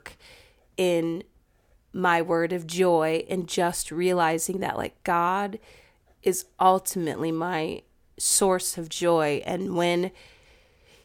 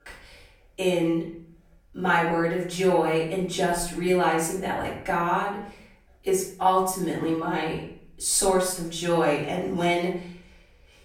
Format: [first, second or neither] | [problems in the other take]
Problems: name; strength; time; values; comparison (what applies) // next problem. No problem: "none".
first | off-mic speech; far // room echo; noticeable; dies away in 0.5 s